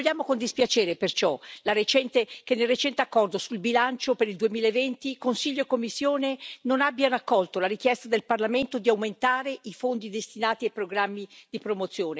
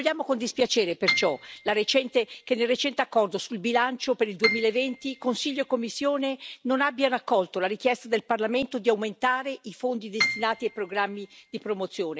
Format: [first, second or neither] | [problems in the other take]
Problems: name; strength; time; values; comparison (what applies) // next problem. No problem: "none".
first | background sound (Piano); 7 dB below the speech